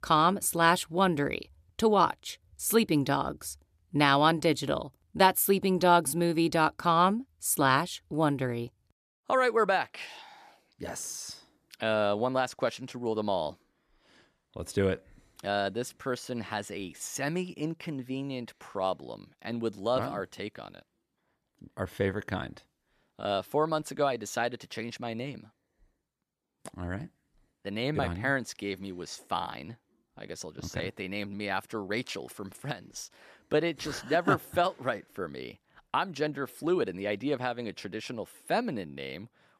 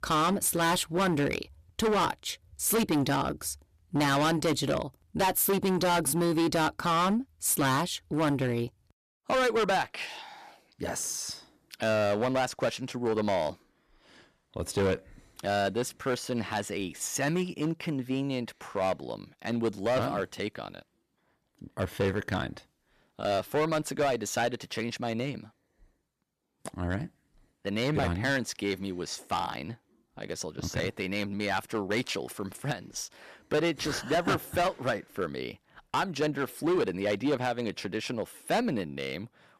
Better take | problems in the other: first | distortion; heavy; 9% of the sound clipped

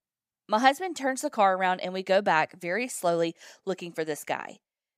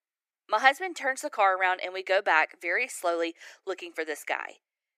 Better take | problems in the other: first | thin; very; fading below 350 Hz

